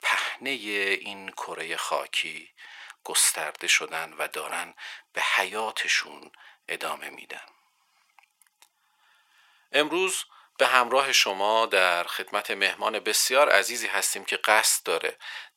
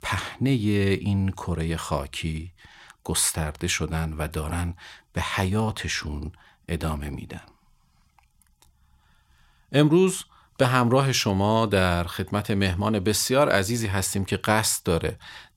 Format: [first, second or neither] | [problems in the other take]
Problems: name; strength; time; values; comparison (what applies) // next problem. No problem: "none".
second | thin; very; fading below 500 Hz